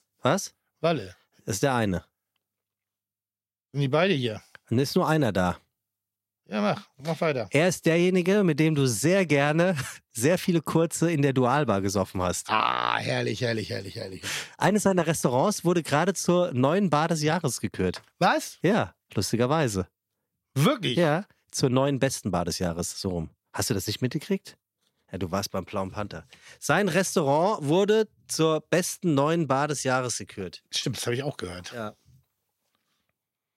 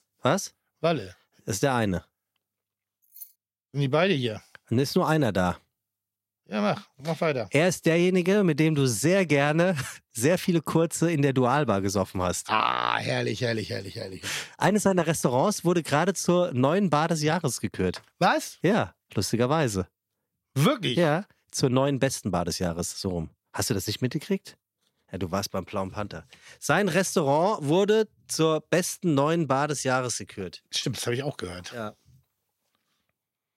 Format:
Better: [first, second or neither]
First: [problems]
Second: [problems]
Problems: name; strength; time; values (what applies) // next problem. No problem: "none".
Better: first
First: none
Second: jangling keys; faint; at 3 s; peak 20 dB below the speech